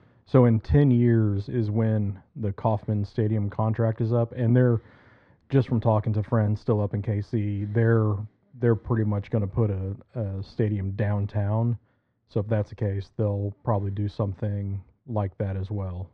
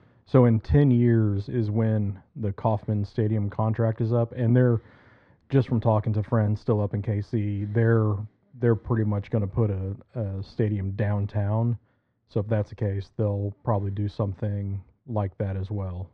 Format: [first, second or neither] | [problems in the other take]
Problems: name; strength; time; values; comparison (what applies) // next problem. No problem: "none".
neither | muffled; very; fading above 1 kHz; the same in both